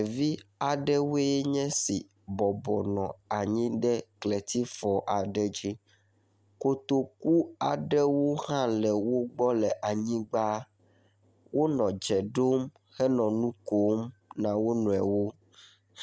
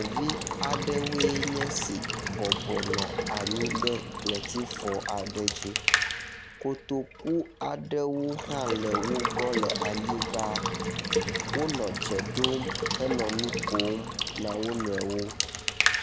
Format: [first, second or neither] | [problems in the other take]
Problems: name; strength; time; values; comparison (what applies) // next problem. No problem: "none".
first | background sound (Water tap, faucet / Water / Liquid); 1 dB above the speech